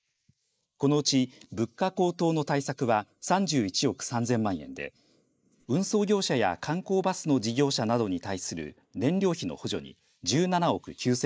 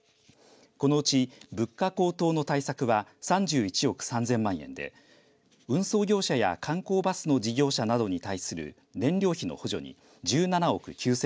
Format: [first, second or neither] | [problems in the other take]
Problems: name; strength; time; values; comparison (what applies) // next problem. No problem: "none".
second | noise reduction (neural mask model Resemble Enhance denoiser)